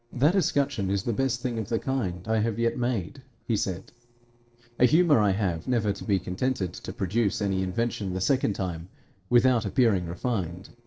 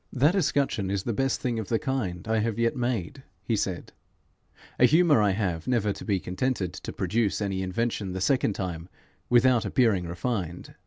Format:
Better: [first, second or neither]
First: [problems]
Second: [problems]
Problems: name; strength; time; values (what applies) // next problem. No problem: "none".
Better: second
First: noise reduction (neural separator model SepFormer DNS4)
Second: none